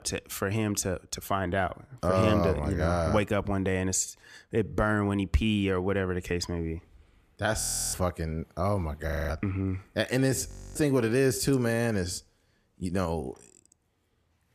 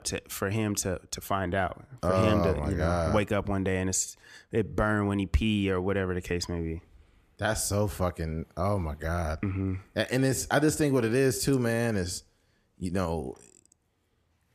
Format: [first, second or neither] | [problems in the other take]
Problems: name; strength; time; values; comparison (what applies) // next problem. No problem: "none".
second | audio freezing; at 7.5 s, at 9 s and at 10 s